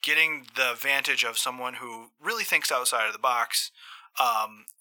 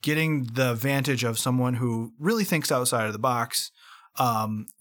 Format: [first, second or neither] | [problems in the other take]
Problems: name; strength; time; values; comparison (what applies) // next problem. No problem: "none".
second | thin; very; fading below 850 Hz